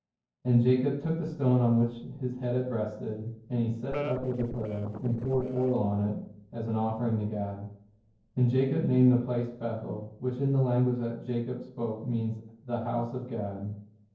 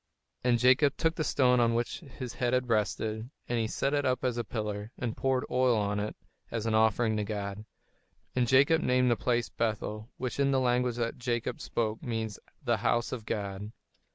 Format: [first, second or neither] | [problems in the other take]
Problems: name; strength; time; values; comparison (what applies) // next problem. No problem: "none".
second | noise reduction (neural separator model SepFormer DNS4)